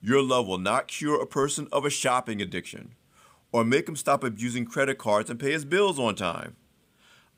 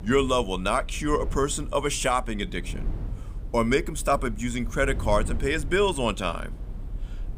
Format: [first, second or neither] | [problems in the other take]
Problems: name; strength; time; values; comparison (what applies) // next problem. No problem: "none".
first | low rumble; faint; throughout; 25 dB below the speech